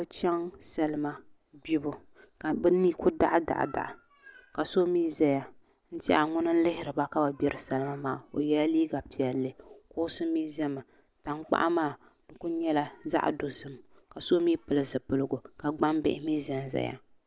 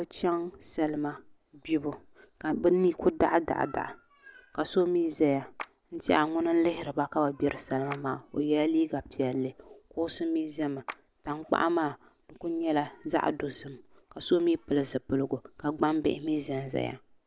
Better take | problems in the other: first | background sound (Clapping); 19 dB below the speech

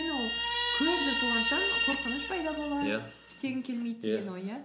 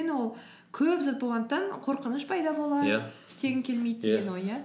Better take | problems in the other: second | background sound (Guitar); as loud as the speech

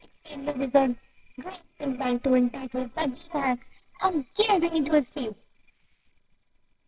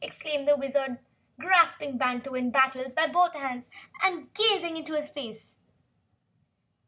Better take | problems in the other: second | noise reduction (neural separator model SepFormer WHAMR!)

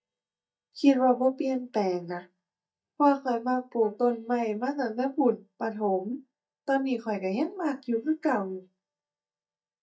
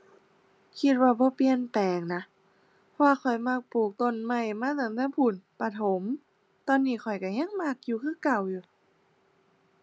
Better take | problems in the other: second | noise reduction (neural mask model DeepFilterNet 3)

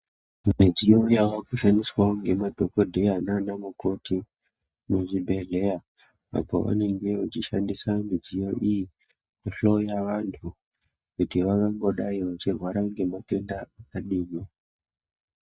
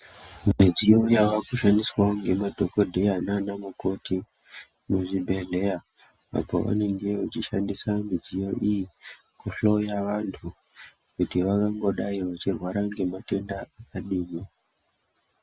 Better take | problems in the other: second | noise reduction (neural mask model DeepFilterNet 3)

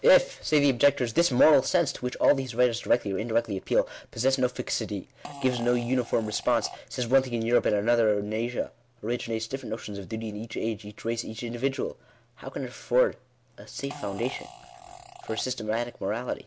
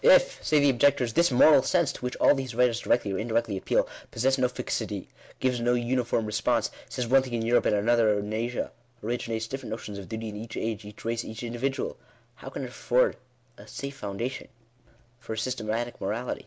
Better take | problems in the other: second | background sound (Fart); 17 dB below the speech

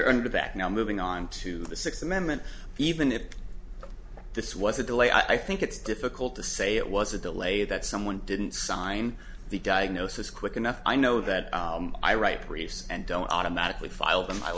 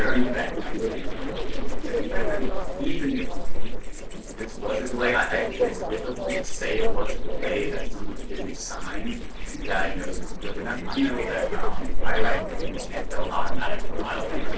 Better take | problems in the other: first | noise reduction (neural separator model SepFormer DNS4)

